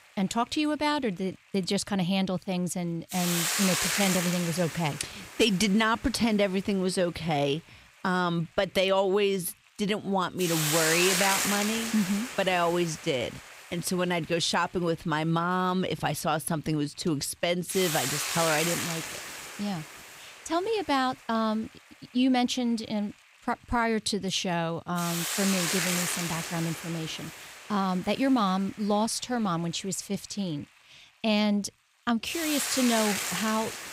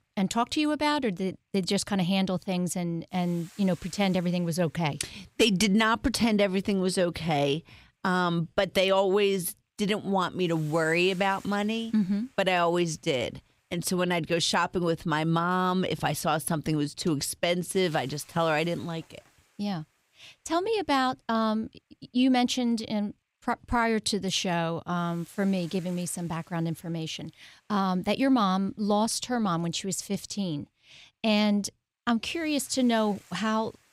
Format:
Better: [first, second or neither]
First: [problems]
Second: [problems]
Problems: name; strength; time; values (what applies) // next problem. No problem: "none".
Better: second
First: hiss; loud; throughout; 2 dB below the speech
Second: hiss; faint; throughout; 25 dB below the speech